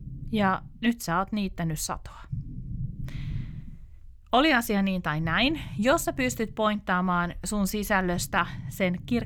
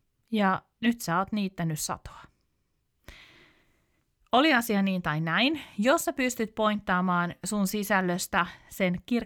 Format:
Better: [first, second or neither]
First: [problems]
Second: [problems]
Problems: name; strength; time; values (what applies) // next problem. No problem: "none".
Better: second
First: low rumble; faint; throughout; 25 dB below the speech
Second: none